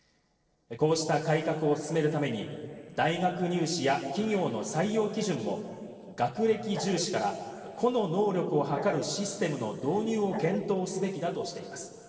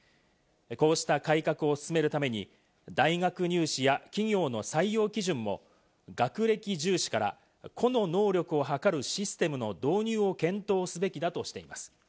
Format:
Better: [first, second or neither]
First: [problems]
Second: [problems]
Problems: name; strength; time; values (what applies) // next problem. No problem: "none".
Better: second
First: noise reduction (neural separator model SepFormer DNS4)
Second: none